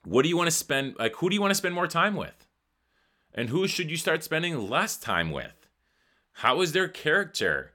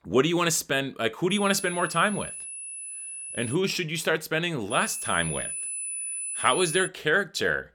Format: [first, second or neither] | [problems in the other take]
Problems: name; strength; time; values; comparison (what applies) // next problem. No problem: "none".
first | high-pitched whine; loud; from 1.5 to 3.5 s and from 4.5 to 7 s; 10 kHz, 7 dB below the speech